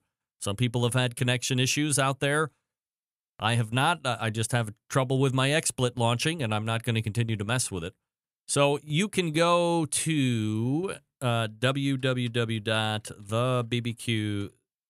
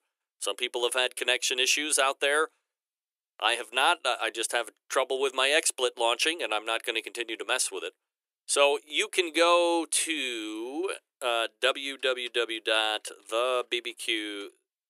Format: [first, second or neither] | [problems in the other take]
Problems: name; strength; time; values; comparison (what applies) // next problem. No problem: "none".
first | thin; very; fading below 350 Hz